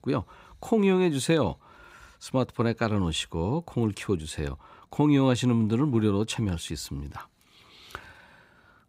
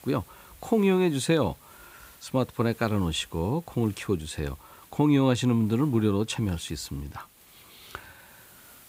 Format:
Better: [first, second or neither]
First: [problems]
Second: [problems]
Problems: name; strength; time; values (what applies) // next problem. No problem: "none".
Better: first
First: none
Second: hiss; faint; throughout; 25 dB below the speech